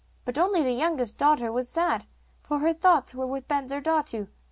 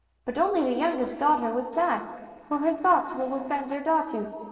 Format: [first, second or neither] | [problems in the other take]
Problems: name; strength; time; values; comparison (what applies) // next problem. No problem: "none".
first | noise reduction (neural separator model SepFormer DNS4)